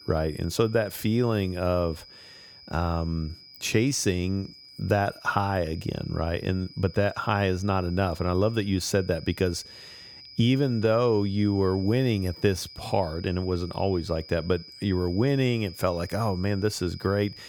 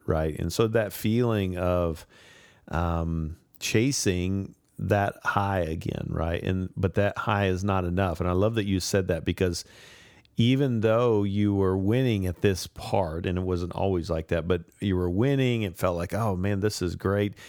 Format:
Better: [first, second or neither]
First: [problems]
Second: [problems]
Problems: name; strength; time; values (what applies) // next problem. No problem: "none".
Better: second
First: high-pitched whine; noticeable; throughout; 5 kHz, 20 dB below the speech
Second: none